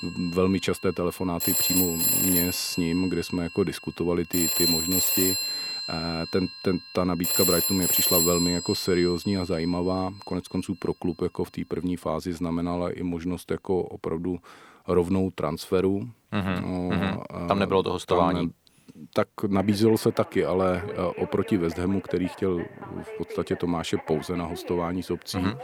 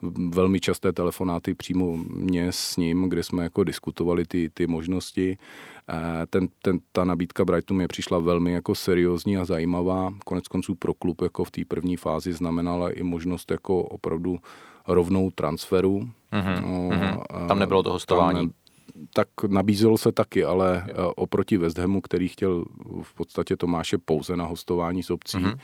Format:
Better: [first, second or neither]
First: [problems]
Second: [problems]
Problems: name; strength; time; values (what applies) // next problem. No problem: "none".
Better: second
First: alarms or sirens; very loud; throughout; 2 dB above the speech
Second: none